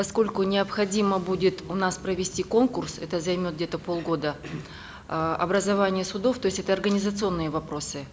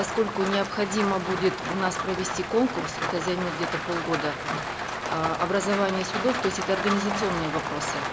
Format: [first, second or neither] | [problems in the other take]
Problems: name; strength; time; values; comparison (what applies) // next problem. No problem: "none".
first | background sound (Rain); 3 dB below the speech